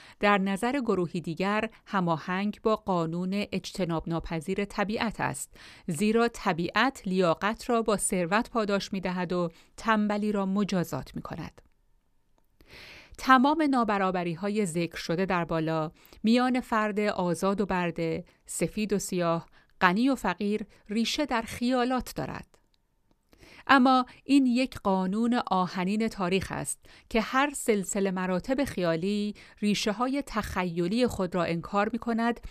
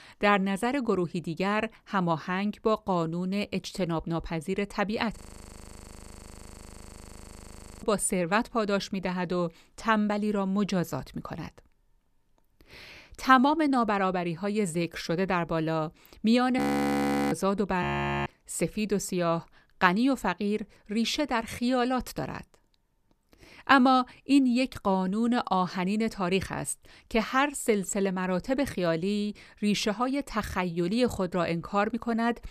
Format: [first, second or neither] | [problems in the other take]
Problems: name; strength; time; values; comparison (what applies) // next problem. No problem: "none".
first | audio freezing; at 5 s for 2.5 s, at 17 s for 0.5 s and at 18 s